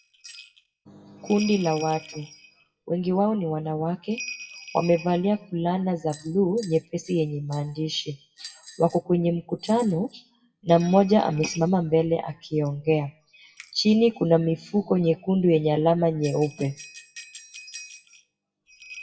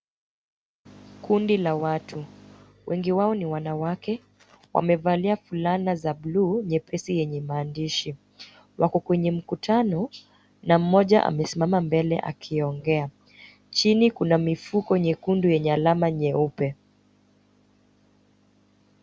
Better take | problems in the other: second | noise reduction (classical method WPE with log-MMSE)

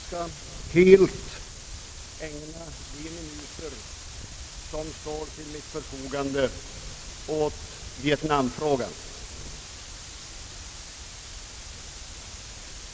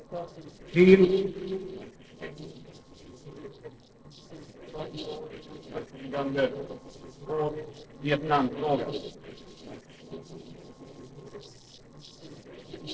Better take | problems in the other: first | noise reduction (neural separator model SepFormer DNS4)

